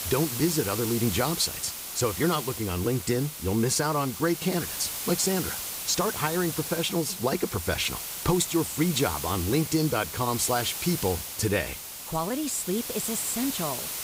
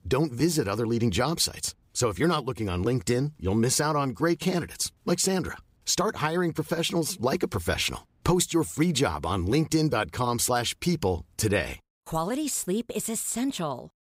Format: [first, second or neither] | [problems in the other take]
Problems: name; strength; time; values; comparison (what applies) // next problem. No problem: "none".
second | hiss; loud; throughout; 5 dB below the speech